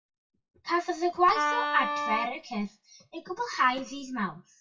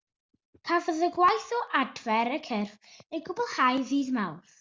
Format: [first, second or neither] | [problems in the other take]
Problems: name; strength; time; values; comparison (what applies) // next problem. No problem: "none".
second | noise reduction (classical method WPE with log-MMSE)